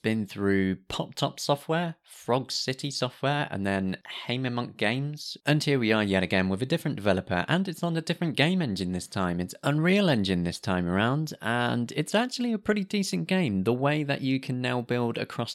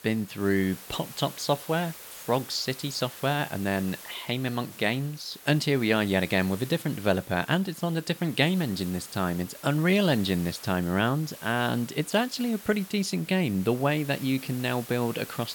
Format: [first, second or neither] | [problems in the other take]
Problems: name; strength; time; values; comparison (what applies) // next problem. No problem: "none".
first | hiss; noticeable; throughout; 15 dB below the speech